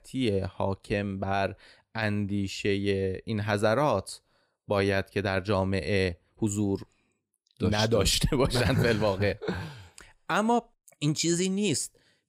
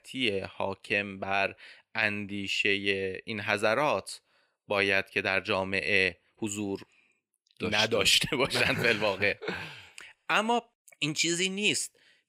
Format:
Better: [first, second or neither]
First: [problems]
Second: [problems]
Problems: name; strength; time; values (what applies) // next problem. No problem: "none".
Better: first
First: none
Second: thin; very slightly; fading below 700 Hz